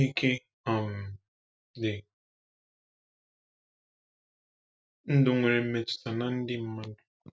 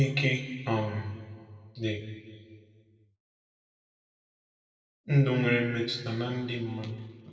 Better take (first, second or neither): first